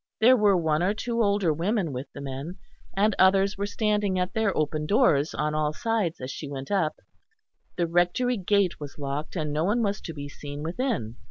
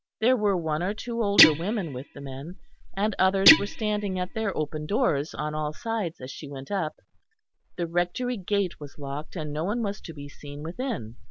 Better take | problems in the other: first | background sound (Guitar); 2 dB above the speech

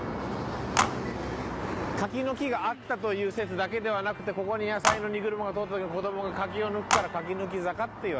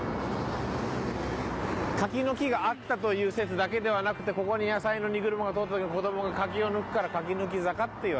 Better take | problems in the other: second | background sound (Telephone); 4 dB below the speech

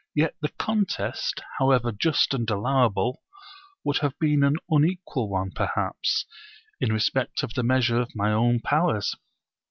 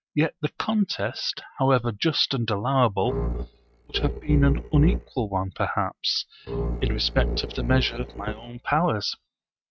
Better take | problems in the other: first | noise reduction (neural mask model RNNoise)

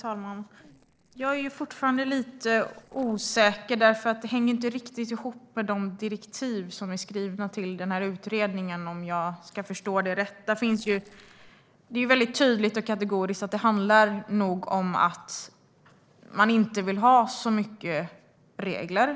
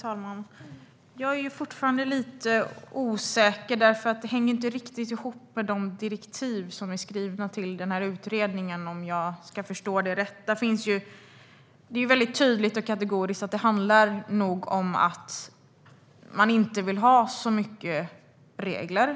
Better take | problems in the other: second | noise reduction (neural separator model SepFormer DNS4)

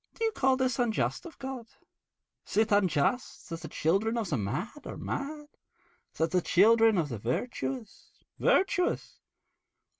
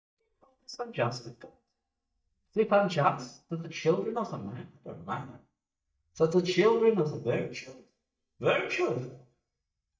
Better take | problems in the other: first | noise reduction (neural mask model DeepFilterNet 3)

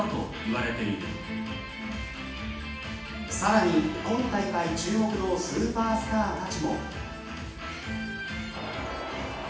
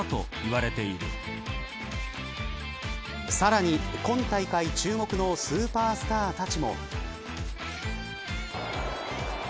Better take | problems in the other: second | room echo; dies away in 0.9 s

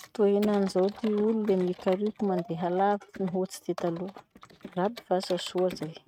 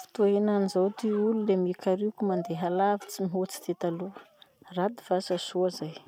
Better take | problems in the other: second | noise reduction (neural mask model RNNoise)

